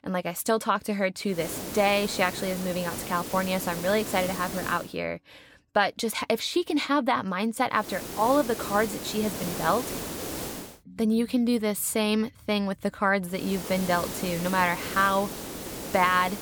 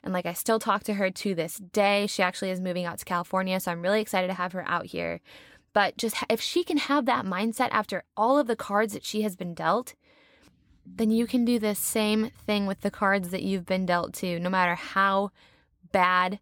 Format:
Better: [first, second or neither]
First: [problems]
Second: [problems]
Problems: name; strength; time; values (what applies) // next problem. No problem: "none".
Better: second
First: hiss; loud; from 1.5 to 5 s, from 8 to 11 s and from 13 s on; 8 dB below the speech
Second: none